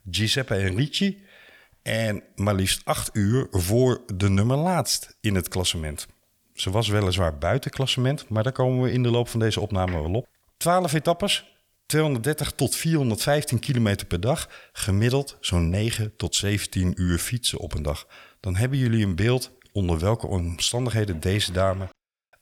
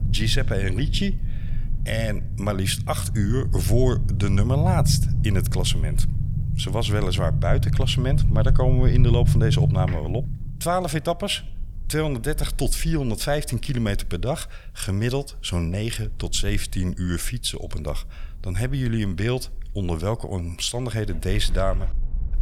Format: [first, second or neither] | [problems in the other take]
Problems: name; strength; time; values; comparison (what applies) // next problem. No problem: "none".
first | low rumble; loud; throughout; 9 dB below the speech